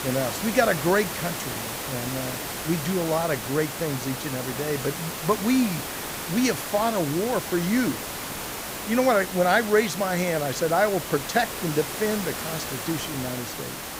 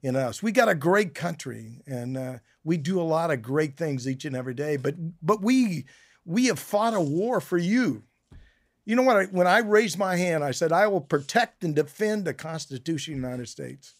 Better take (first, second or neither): second